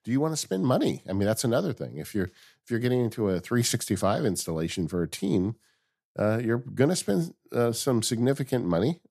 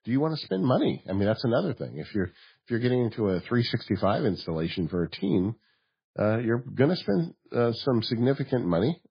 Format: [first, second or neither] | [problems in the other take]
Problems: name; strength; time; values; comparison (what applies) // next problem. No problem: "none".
first | garbled, watery; badly; nothing above 5 kHz